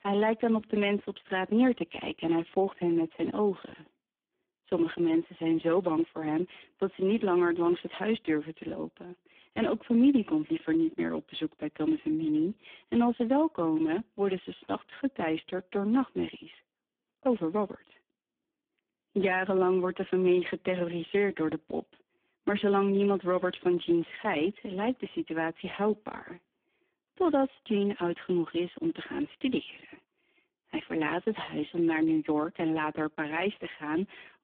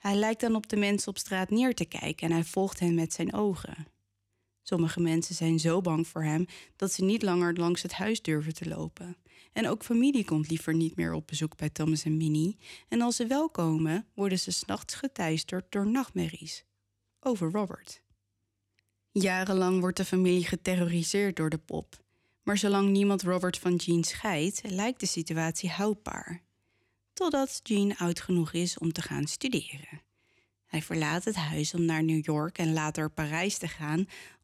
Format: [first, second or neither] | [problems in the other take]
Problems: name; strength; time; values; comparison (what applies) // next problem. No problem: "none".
second | phone-call audio; poor line